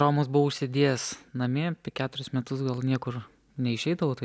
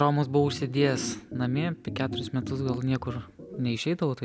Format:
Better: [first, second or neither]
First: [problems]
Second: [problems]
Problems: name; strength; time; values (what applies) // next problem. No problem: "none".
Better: first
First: none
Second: background sound (Organ); 9 dB below the speech